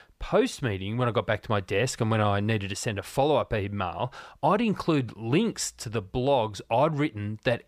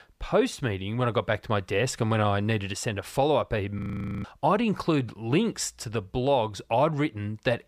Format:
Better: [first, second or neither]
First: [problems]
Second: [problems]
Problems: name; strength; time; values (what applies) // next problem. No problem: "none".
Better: first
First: none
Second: audio freezing; at 4 s